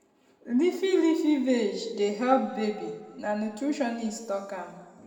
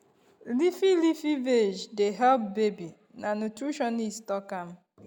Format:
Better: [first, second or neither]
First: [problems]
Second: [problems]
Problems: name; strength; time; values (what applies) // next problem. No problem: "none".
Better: second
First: room echo; dies away in 1.6 s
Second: none